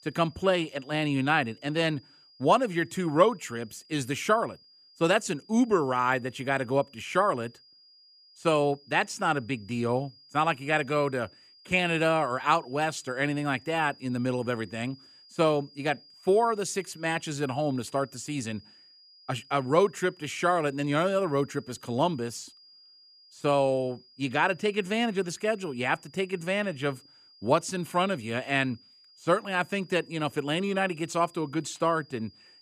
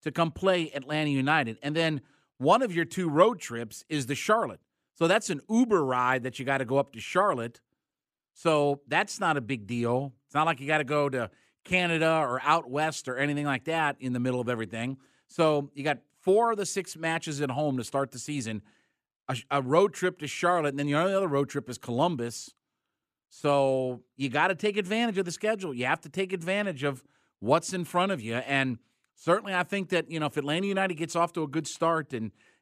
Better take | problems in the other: second | high-pitched whine; faint; throughout; 5 kHz, 25 dB below the speech

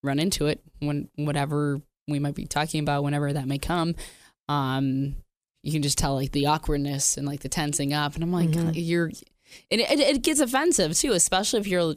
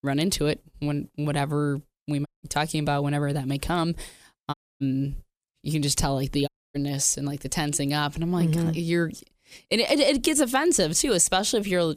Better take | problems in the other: first | audio cutting out; at 2.5 s, at 4.5 s and at 6.5 s

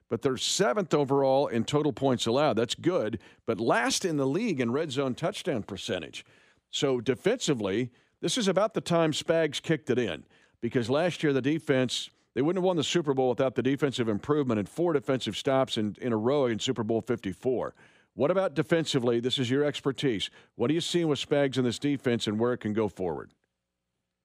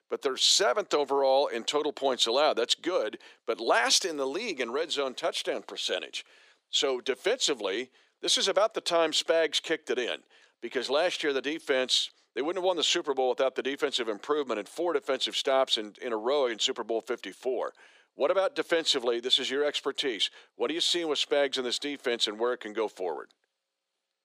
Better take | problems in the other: first | thin; somewhat; fading below 400 Hz

